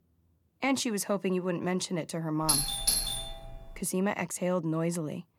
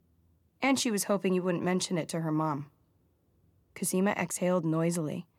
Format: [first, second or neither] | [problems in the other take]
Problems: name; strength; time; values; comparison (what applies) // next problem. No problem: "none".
second | doorbell; loud; from 2.5 to 3.5 s; peak 5 dB above the speech